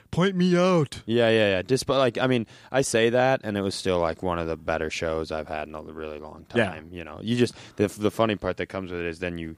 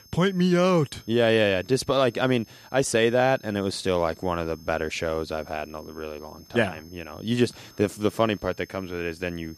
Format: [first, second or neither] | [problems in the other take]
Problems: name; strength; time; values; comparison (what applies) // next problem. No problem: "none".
first | high-pitched whine; faint; throughout; 5 kHz, 25 dB below the speech